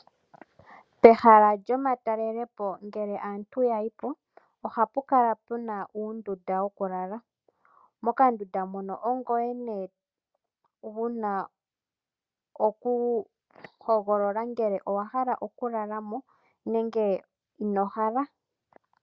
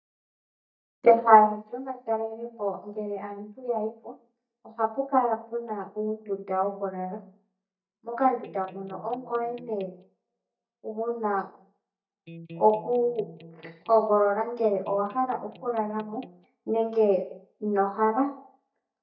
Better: first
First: none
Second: noise reduction (neural mask model DeepFilterNet 3)

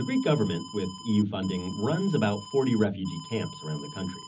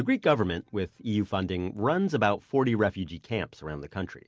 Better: second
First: background sound (Alarm); 16 dB below the speech // room echo; dies away in 0.4 s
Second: none

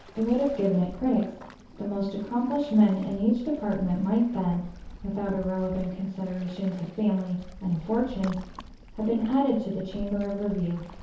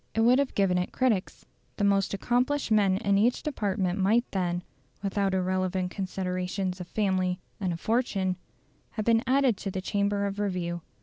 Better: second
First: background sound (Waves, surf); 17 dB below the speech // room echo; dies away in 0.6 s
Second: none

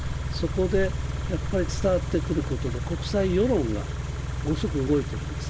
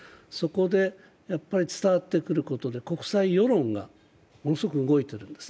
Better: second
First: background sound (Idling / Car); 2 dB below the speech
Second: none

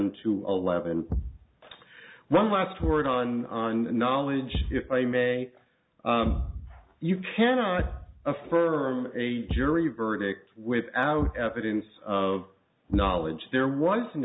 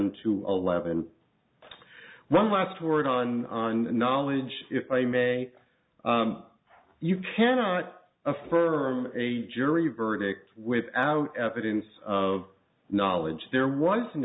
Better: second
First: background sound (Thump, thud); 10 dB below the speech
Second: none

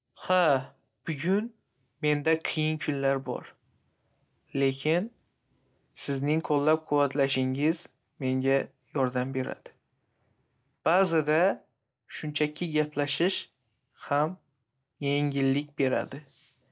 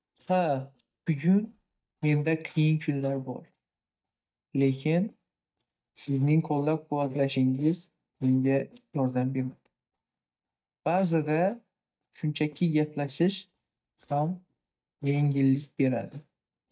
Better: first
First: none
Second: noise reduction (neural mask model DeepFilterNet 3)

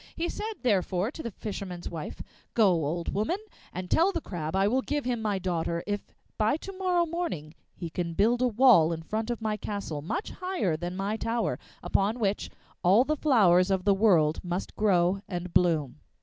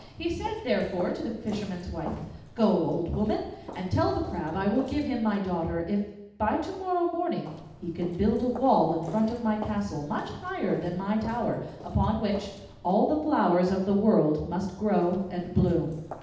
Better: first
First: none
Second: background sound (Walk, footsteps); 19 dB below the speech // room echo; dies away in 0.8 s

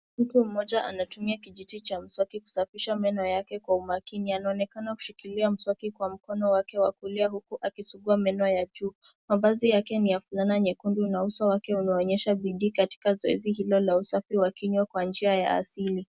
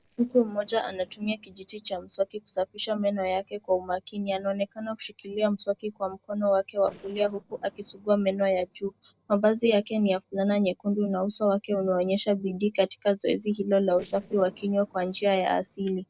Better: first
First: none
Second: noise reduction (neural separator model SepFormer DNS4)

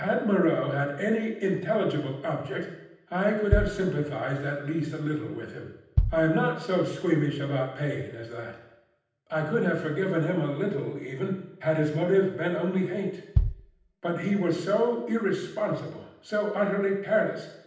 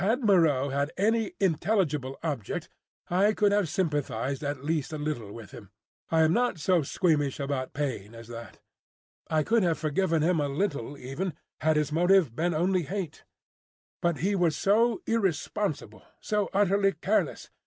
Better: second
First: background sound (Bass drum); 4 dB below the speech // room echo; dies away in 0.9 s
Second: none

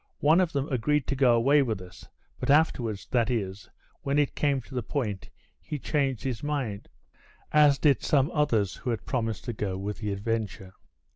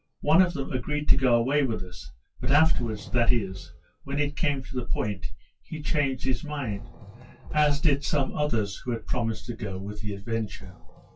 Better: first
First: none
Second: noise reduction (classical method WPE with log-MMSE)

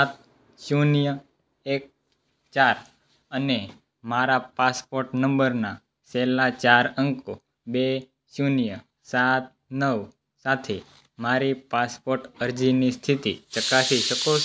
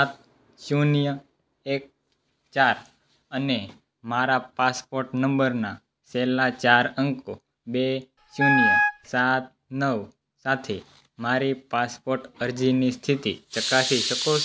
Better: first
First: none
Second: background sound (Wind instrument, woodwind instrument); 3 dB above the speech

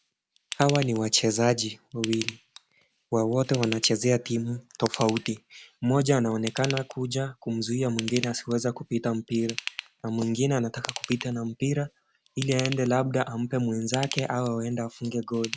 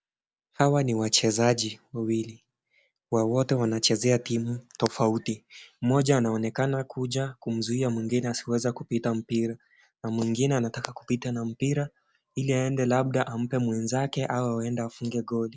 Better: second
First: background sound (Ratchet, pawl / Tools); 13 dB below the speech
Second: none

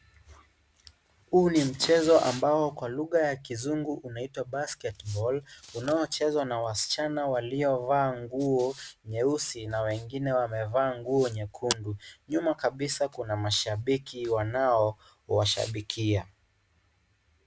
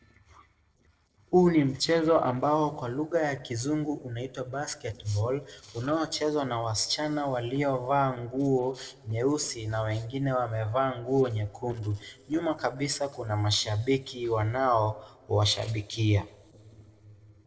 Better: first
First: none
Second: noise reduction (neural separator model SepFormer DNS4)

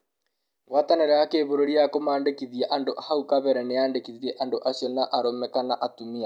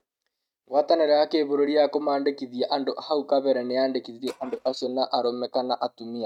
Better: first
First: none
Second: noise reduction (neural mask model RNNoise)

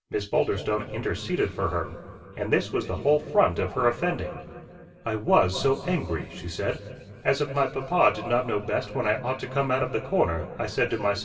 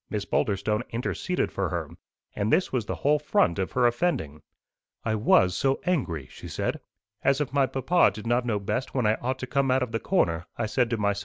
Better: second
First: room echo; dies away in 2.3 s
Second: none

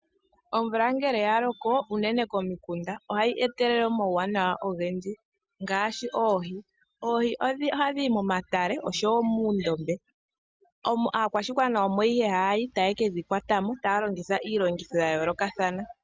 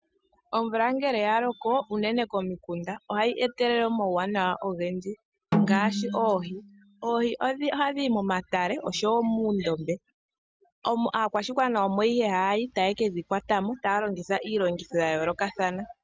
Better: first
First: none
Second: background sound (Snare drum); 3 dB below the speech

